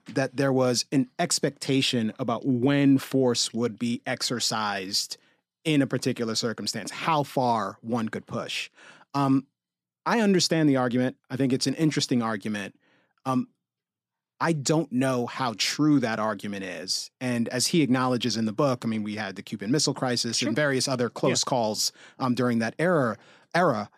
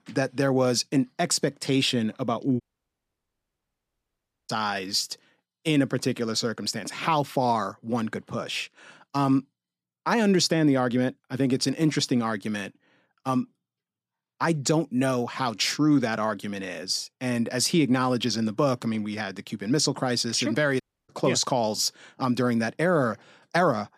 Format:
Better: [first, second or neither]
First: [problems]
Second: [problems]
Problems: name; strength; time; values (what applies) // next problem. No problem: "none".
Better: first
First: none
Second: audio cutting out; at 2.5 s for 2 s and at 21 s